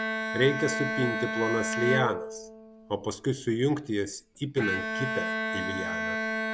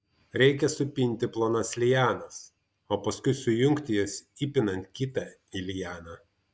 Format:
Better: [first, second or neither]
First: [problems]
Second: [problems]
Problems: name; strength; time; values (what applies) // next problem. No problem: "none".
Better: second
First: background sound (Bowed string instrument); 2 dB below the speech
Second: none